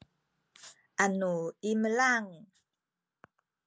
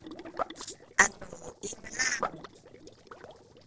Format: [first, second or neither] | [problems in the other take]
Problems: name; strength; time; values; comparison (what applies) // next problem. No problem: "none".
first | noise reduction (neural separator model SepFormer DNS4)